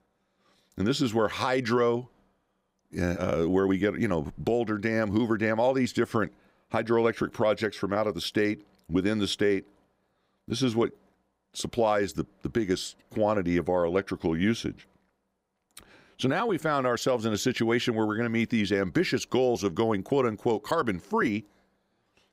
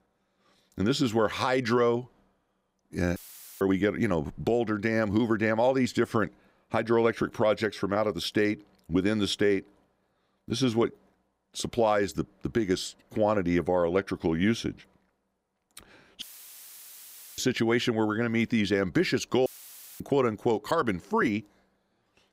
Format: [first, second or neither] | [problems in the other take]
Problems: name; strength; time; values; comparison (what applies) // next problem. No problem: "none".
first | audio cutting out; filled with static; at 3 s, at 16 s for 1 s and at 19 s for 0.5 s